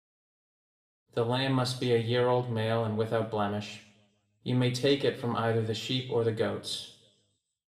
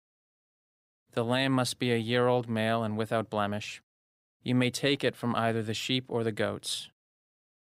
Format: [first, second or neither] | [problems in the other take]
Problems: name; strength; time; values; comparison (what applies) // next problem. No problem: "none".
second | room echo; slight; dies away in 0.6 s // off-mic speech; somewhat distant